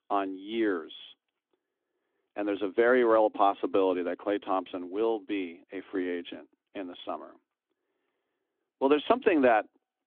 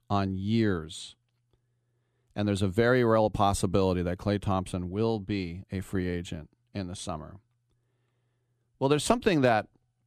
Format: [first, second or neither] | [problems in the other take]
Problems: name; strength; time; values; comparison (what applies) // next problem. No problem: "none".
second | phone-call audio; nothing above 3.5 kHz